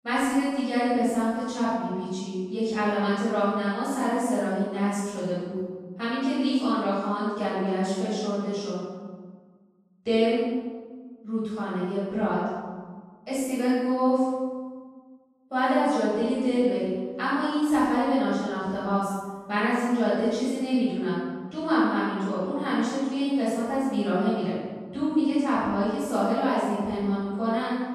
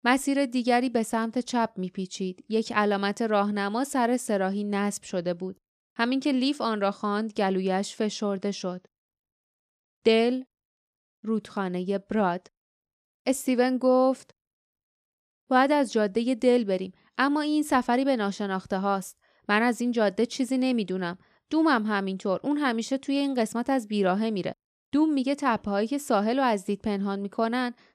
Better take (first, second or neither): second